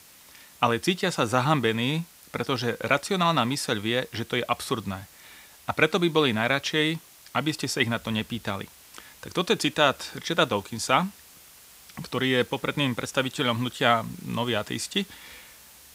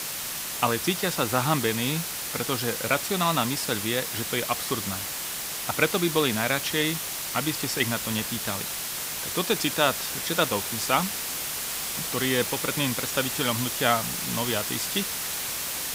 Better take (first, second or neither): first